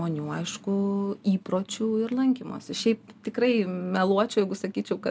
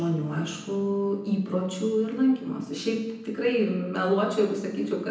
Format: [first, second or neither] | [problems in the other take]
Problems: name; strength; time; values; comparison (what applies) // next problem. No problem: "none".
first | room echo; dies away in 0.9 s